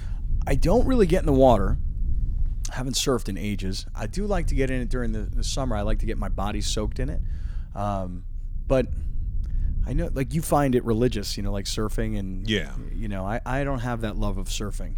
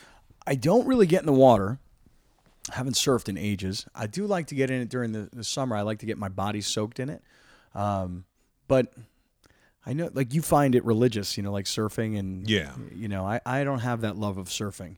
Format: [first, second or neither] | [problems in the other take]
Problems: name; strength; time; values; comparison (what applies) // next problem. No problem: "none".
second | low rumble; faint; throughout; 25 dB below the speech